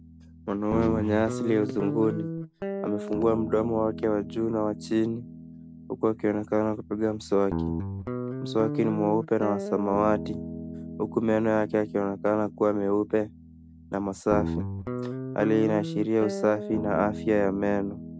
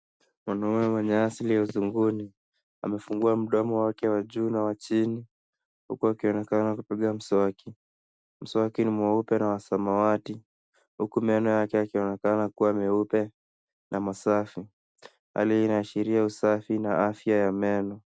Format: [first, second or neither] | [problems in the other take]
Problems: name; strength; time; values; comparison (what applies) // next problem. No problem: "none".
second | background sound (Guitar); 7 dB below the speech